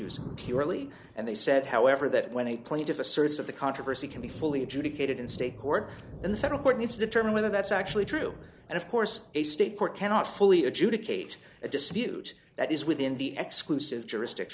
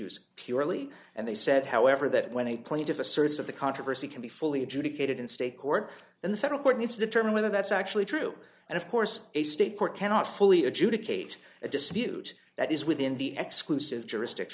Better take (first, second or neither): second